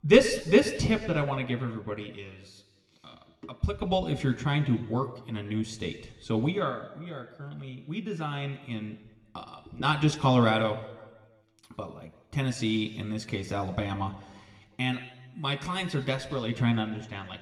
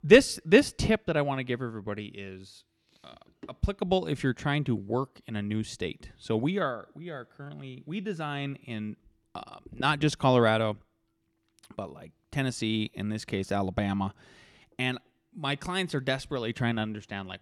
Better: second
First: room echo; very slight; dies away in 1.2 s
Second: none

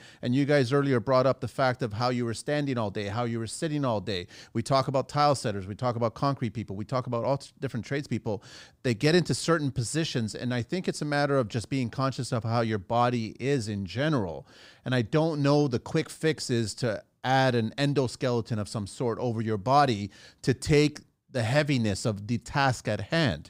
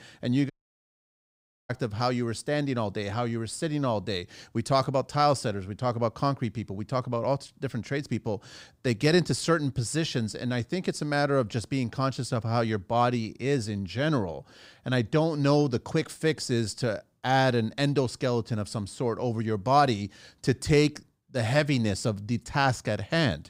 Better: first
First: none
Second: audio cutting out; at 0.5 s for 1 s

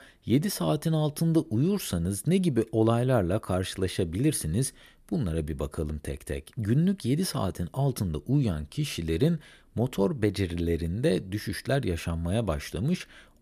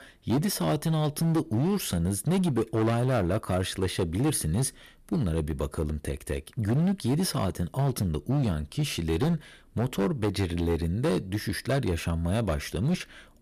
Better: first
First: none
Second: distortion; slight; 11% of the sound clipped

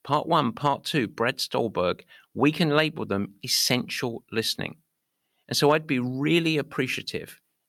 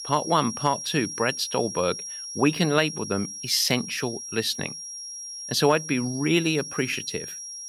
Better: first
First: none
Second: high-pitched whine; loud; throughout; 5.5 kHz, 9 dB below the speech

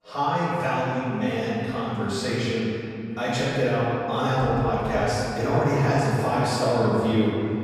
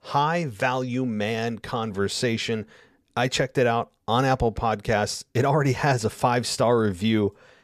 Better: second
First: room echo; strong; dies away in 2.8 s // off-mic speech; far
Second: none

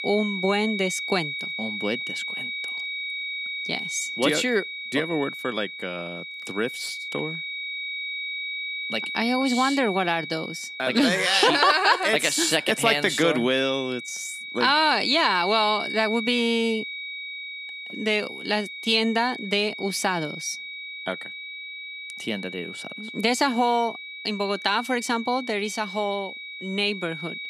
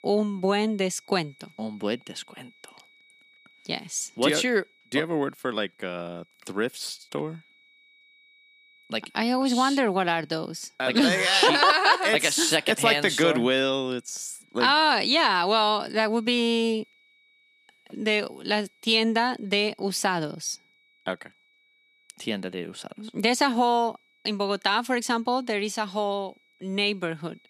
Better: second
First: high-pitched whine; loud; throughout; 2.5 kHz, 8 dB below the speech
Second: high-pitched whine; faint; throughout; 2.5 kHz, 35 dB below the speech

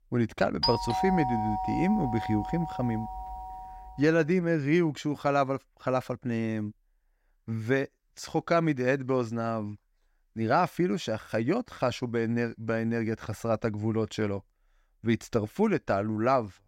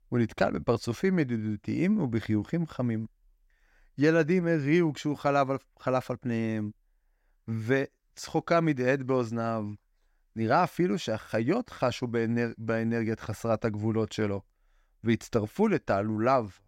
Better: second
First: doorbell; loud; from 0.5 to 3.5 s; peak 1 dB above the speech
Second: none

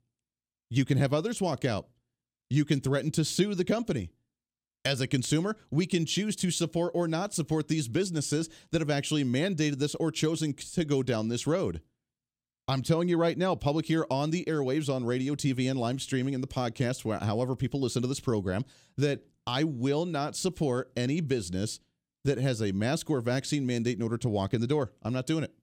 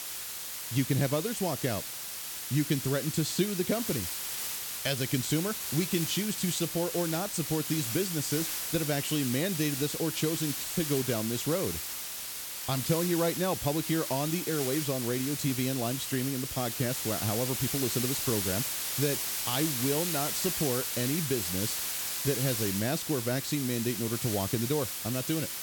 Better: first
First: none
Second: hiss; loud; throughout; 1 dB below the speech

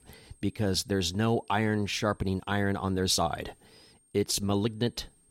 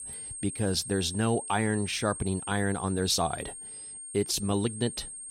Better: first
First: high-pitched whine; faint; throughout; 8.5 kHz, 35 dB below the speech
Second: high-pitched whine; loud; throughout; 8.5 kHz, 9 dB below the speech

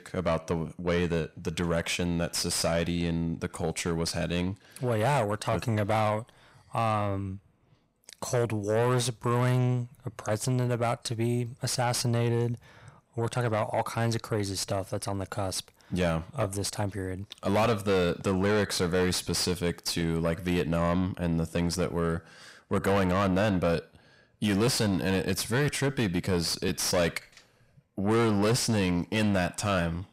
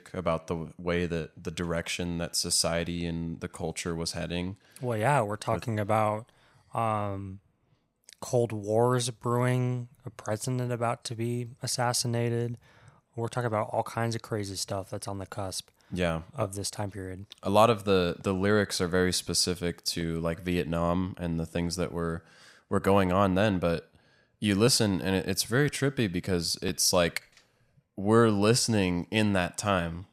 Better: second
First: distortion; heavy; 7 dB below the speech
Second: none

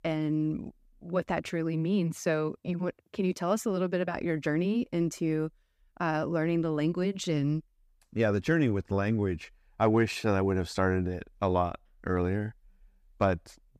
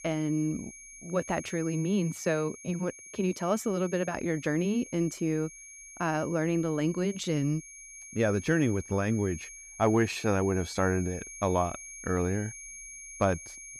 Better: first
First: none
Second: high-pitched whine; noticeable; throughout; 6.5 kHz, 15 dB below the speech

